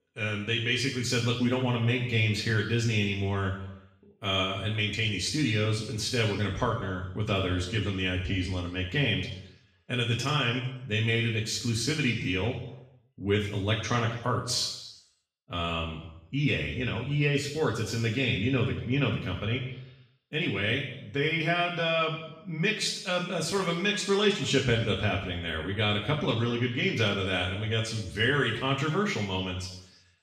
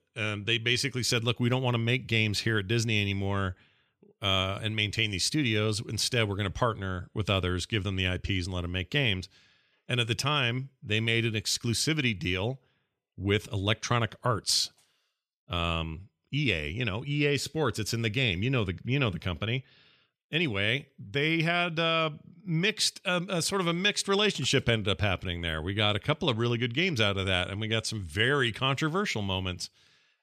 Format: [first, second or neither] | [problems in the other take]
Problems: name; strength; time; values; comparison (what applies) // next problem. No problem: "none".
second | room echo; noticeable; dies away in 0.9 s // off-mic speech; far